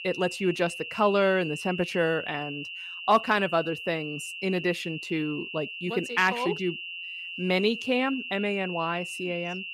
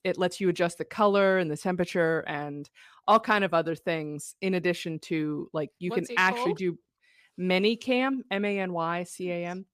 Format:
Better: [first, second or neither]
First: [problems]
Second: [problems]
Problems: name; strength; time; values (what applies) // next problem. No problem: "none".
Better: second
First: high-pitched whine; loud; throughout; 3 kHz, 8 dB below the speech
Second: none